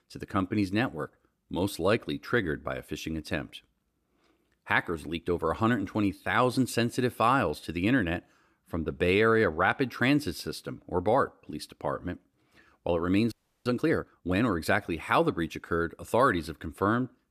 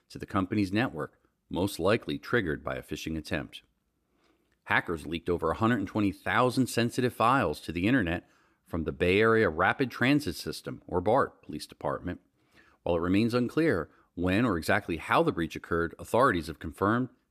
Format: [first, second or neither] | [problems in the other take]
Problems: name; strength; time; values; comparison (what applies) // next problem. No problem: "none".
second | audio freezing; at 13 s